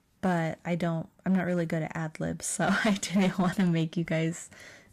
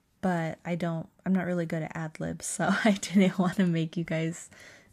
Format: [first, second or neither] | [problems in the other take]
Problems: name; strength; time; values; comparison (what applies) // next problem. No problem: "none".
second | distortion; slight; 6% of the sound clipped